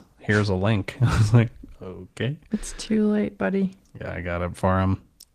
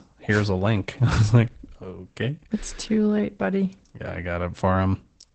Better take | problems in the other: first | garbled, watery; badly; nothing above 8 kHz; slightly in the first

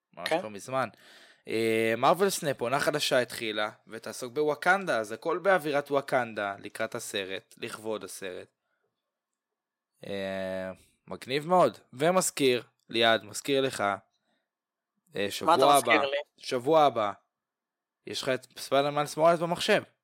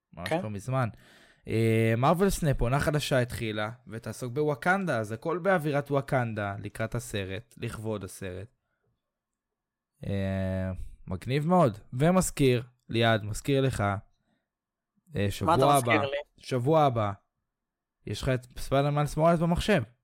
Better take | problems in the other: second | thin; somewhat; fading below 300 Hz

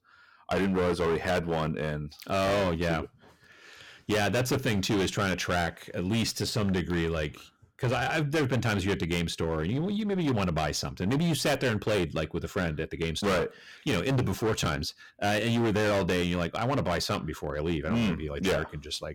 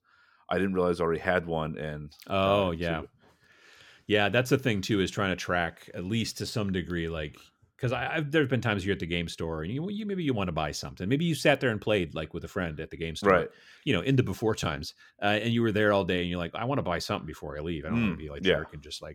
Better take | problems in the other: second | distortion; heavy; 18% of the sound clipped

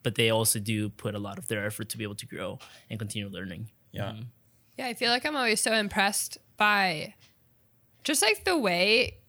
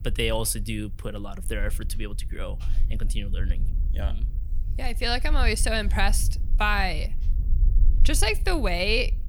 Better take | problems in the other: first | low rumble; faint; throughout; 25 dB below the speech

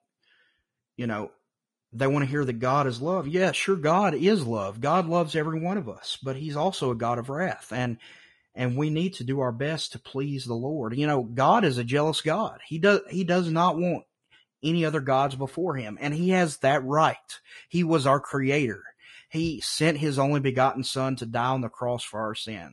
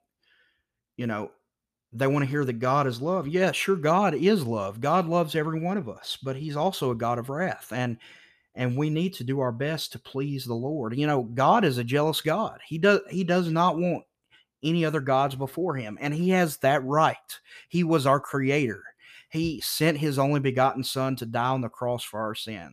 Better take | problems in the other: second | garbled, watery; slightly; nothing above 10.5 kHz

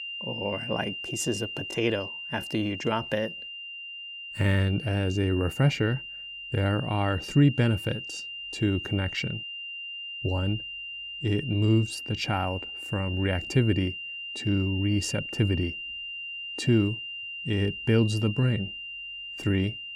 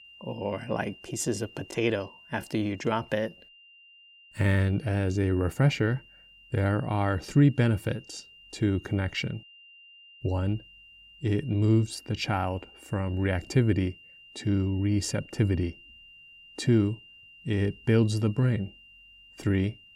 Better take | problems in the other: second | high-pitched whine; loud; throughout; 3 kHz, 7 dB below the speech; faint in the second

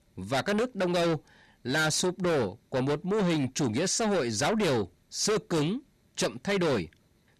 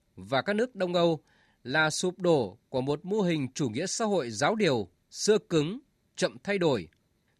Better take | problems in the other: second | distortion; heavy; 6 dB below the speech

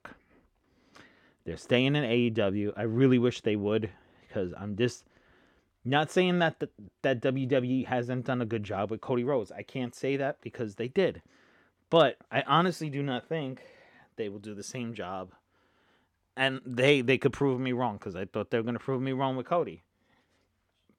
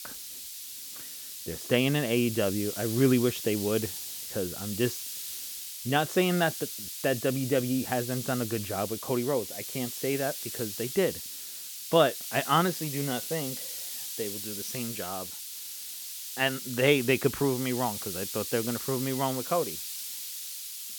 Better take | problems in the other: first | hiss; loud; throughout; 6 dB below the speech

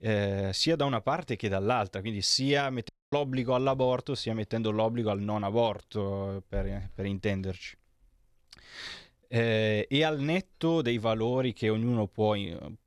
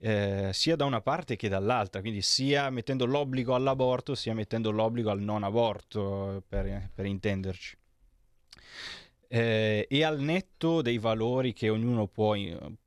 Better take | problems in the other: second | audio cutting out; at 3 s

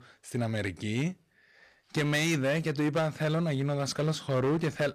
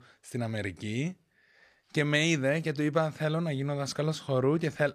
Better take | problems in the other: second | distortion; slight; 10% of the sound clipped

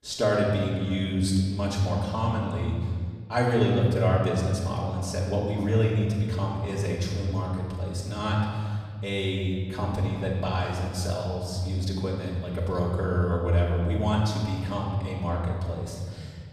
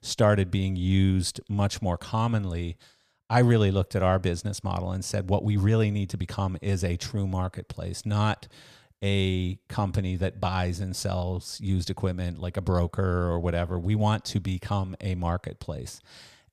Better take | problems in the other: second | off-mic speech; far // room echo; noticeable; dies away in 2 s

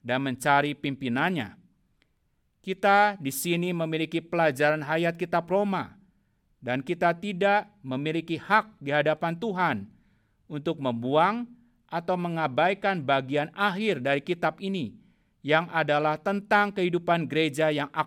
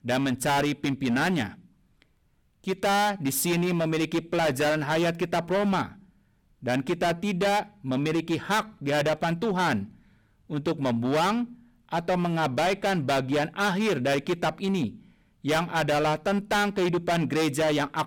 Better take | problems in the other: first | distortion; heavy; 18% of the sound clipped

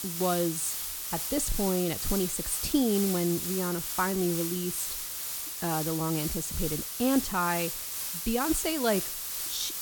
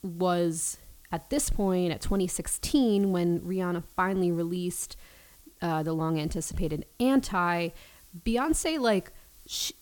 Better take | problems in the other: second | hiss; loud; throughout; 2 dB below the speech; faint in the second

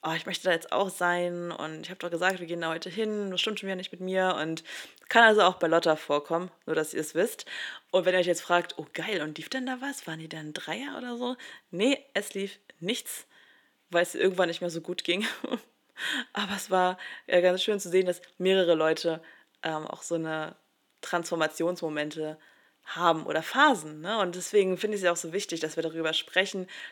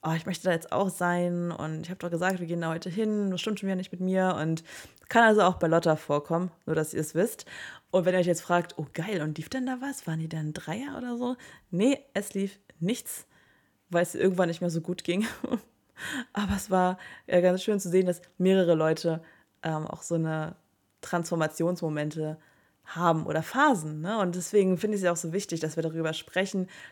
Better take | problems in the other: second | thin; somewhat; fading below 300 Hz

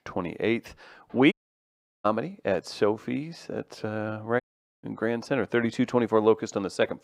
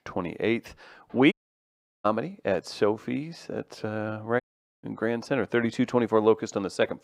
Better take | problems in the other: neither | audio cutting out; at 1.5 s for 0.5 s and at 4.5 s; the same in both

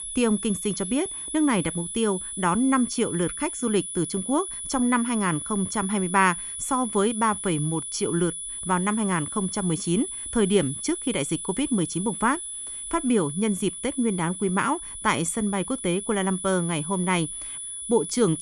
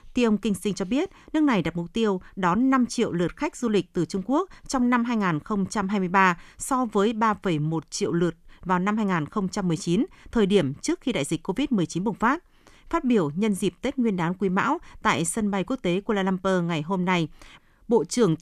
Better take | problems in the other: second | high-pitched whine; loud; throughout; 10 kHz, 6 dB below the speech

